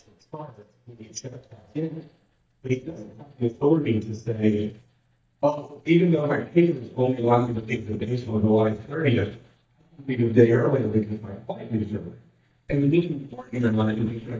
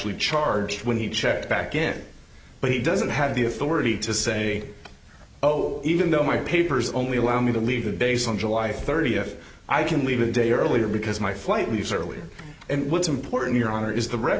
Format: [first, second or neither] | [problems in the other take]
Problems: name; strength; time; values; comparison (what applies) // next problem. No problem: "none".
second | noise reduction (neural mask model DeepFilterNet 3)